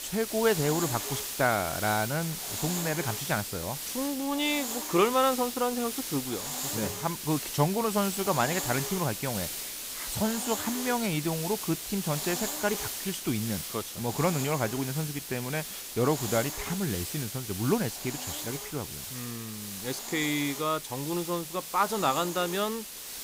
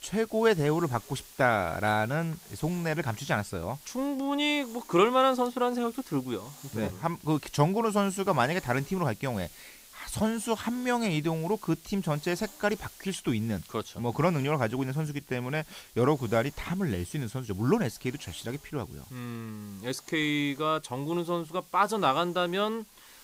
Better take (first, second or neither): second